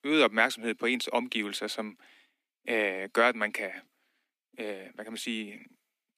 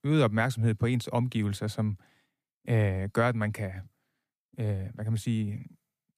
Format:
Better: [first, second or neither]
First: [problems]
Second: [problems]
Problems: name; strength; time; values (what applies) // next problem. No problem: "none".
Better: second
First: thin; somewhat; fading below 250 Hz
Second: none